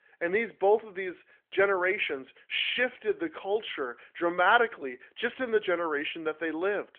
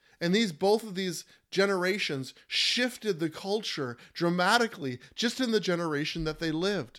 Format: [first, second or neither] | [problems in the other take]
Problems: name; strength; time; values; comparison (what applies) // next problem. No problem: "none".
second | phone-call audio; nothing above 3.5 kHz